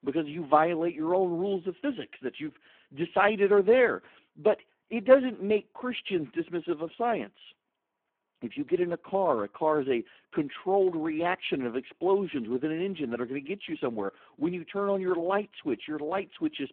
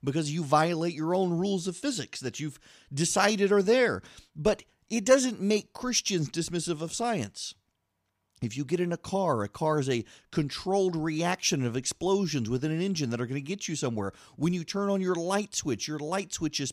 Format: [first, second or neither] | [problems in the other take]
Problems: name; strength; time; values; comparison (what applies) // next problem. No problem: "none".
second | phone-call audio; poor line